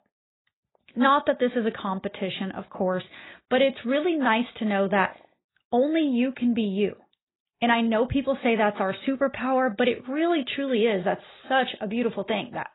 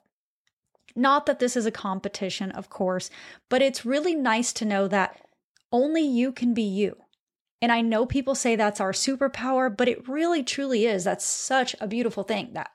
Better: second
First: garbled, watery; badly; nothing above 4 kHz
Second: none

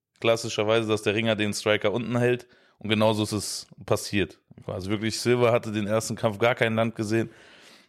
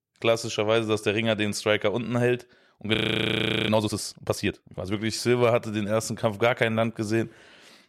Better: first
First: none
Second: audio freezing; at 3 s for 0.5 s

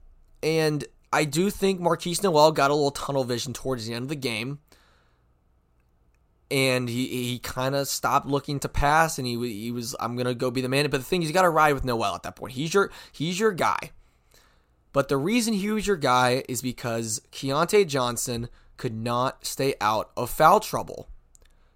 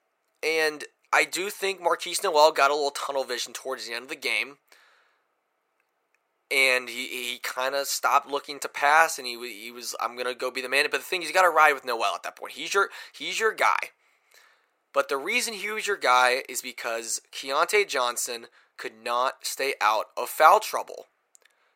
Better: first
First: none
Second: thin; very; fading below 450 Hz

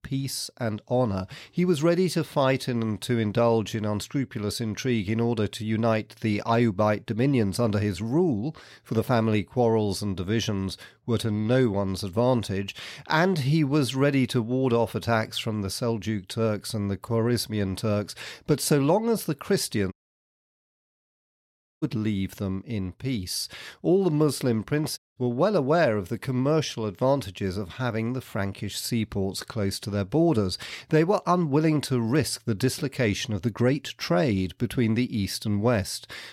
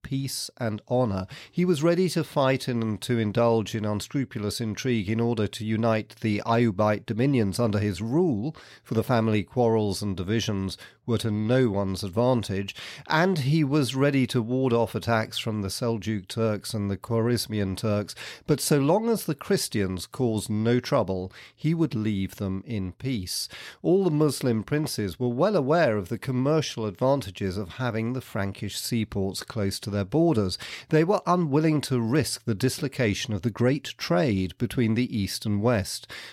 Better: second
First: audio cutting out; at 20 s for 2 s and at 25 s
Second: none

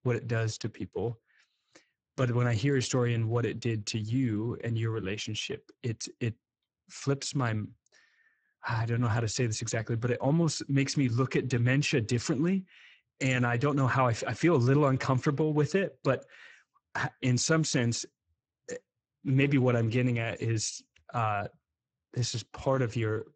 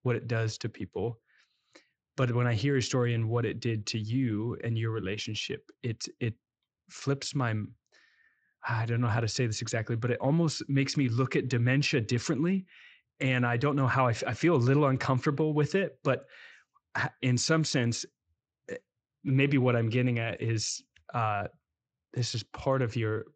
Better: second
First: garbled, watery; badly; nothing above 8 kHz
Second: garbled, watery; slightly; nothing above 7.5 kHz

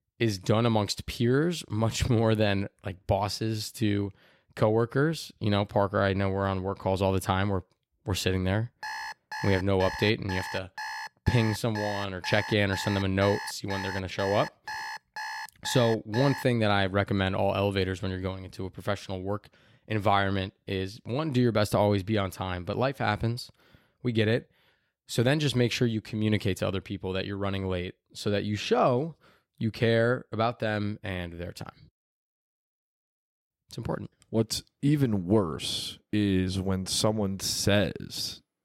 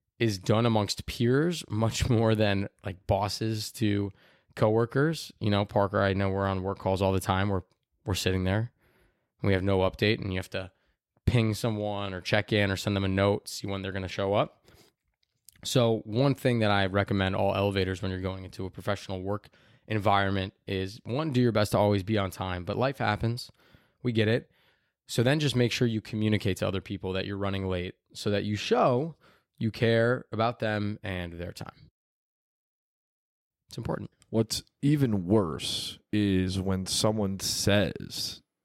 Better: second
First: alarm; noticeable; from 9 to 16 s; peak 8 dB below the speech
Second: none

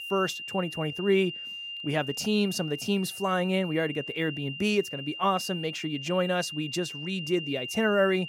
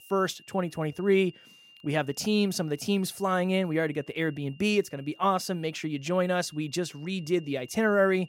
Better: second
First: high-pitched whine; loud; throughout; 3 kHz, 8 dB below the speech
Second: high-pitched whine; faint; throughout; 3 kHz, 25 dB below the speech

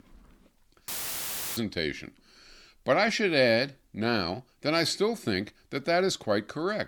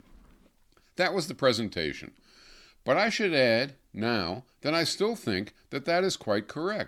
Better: second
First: audio cutting out; filled with static; at 1 s for 0.5 s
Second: none

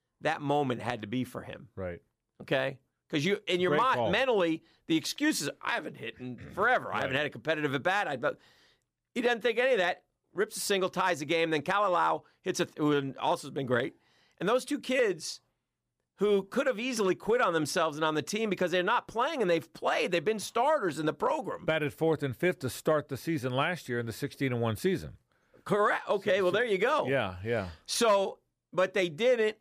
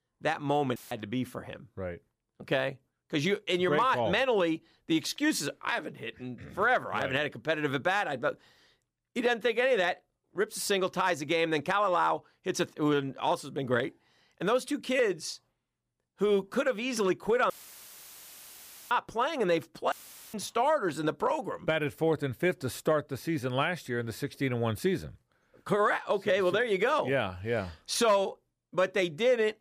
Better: first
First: none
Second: audio cutting out; filled with static; at 1 s, at 18 s for 1.5 s and at 20 s

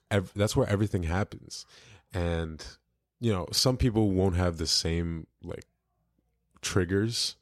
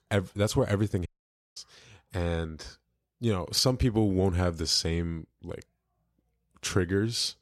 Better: first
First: none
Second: audio cutting out; at 1 s for 0.5 s

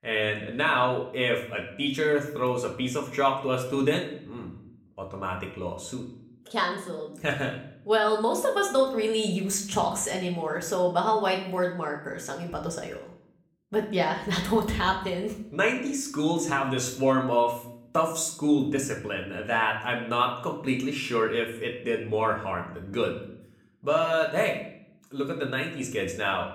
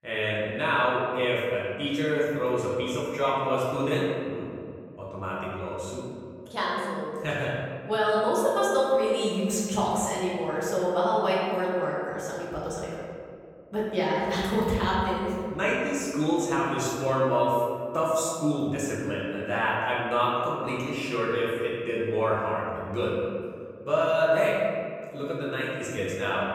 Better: first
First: room echo; slight; dies away in 0.6 s // off-mic speech; somewhat distant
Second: room echo; strong; dies away in 2 s // off-mic speech; far

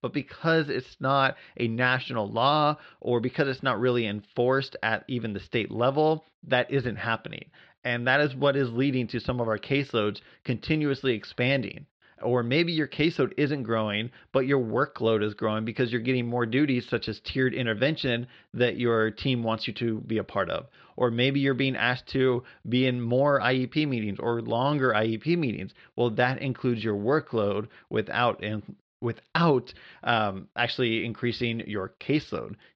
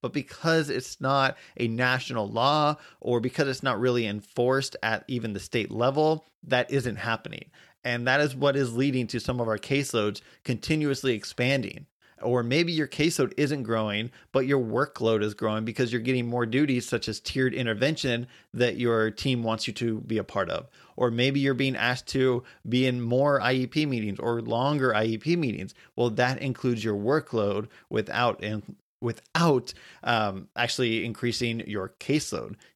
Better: second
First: muffled; very slightly; fading above 4 kHz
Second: none

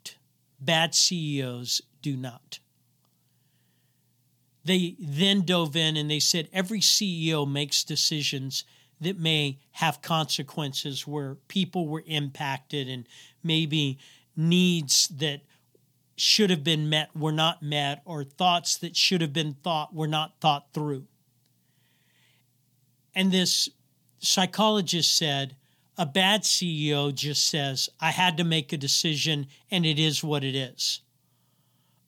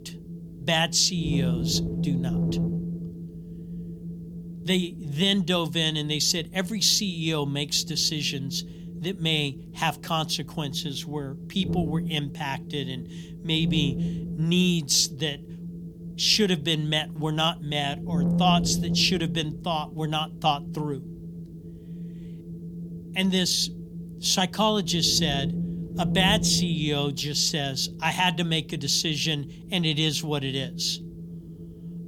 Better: first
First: none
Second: wind noise on the microphone; occasional gusts; 15 dB below the speech

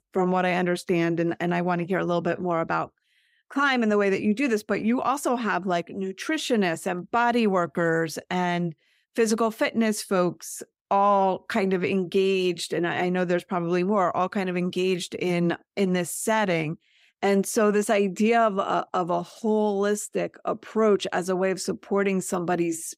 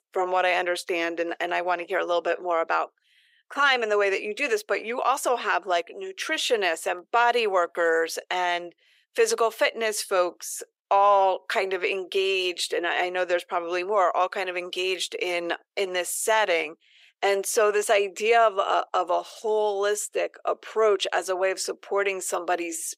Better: first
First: none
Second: thin; very; fading below 450 Hz

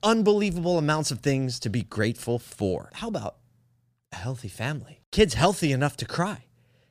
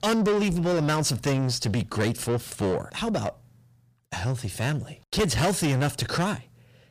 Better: first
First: none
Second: distortion; heavy; 6 dB below the speech

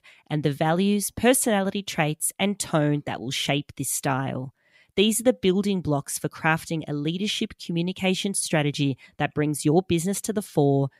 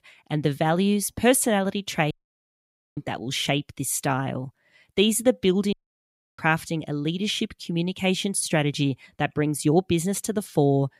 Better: first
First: none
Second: audio cutting out; at 2 s for 1 s and at 5.5 s for 0.5 s

